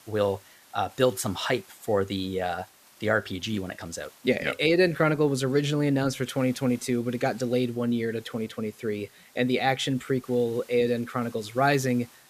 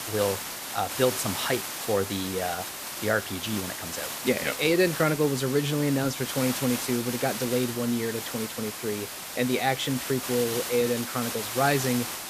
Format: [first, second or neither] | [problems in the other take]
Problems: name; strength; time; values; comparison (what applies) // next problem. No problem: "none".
first | hiss; loud; throughout; 5 dB below the speech; faint in the first